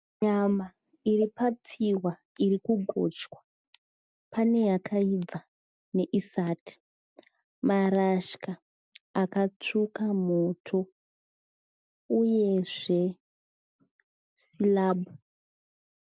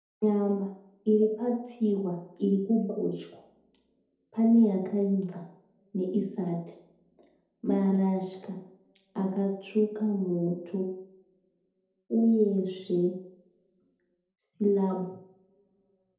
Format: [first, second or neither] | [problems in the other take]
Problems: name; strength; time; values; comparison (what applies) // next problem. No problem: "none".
first | room echo; dies away in 2 s